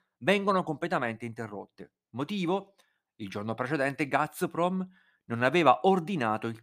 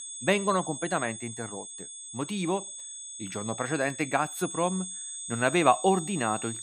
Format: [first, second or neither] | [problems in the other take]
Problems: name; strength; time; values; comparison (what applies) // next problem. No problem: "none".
first | high-pitched whine; loud; throughout; 8 kHz, 8 dB below the speech